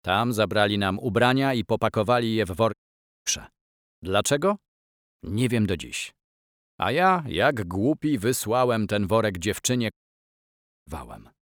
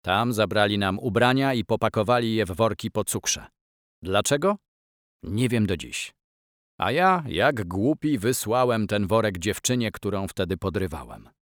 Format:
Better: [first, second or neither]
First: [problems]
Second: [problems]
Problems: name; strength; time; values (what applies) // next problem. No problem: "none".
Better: second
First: audio cutting out; at 2.5 s for 0.5 s and at 10 s for 1 s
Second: none